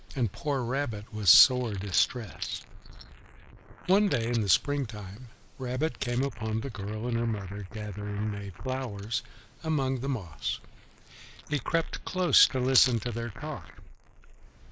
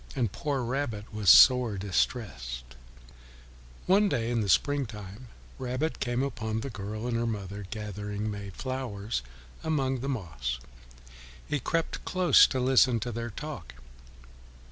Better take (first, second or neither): second